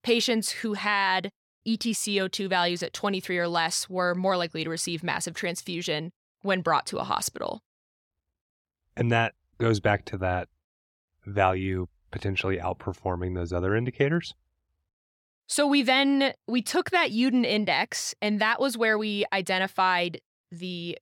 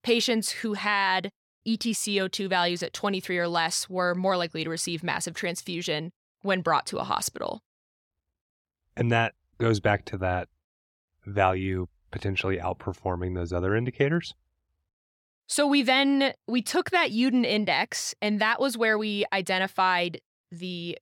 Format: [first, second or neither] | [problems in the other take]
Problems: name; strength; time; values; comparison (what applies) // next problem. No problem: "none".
neither | none